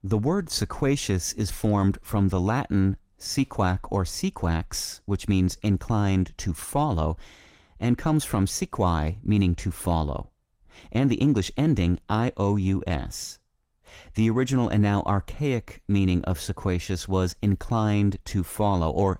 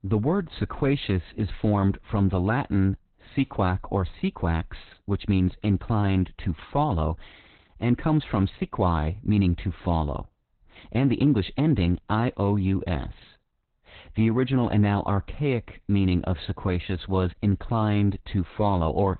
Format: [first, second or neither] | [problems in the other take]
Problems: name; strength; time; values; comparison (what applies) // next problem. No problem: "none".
first | garbled, watery; badly; nothing above 4 kHz; slightly in the first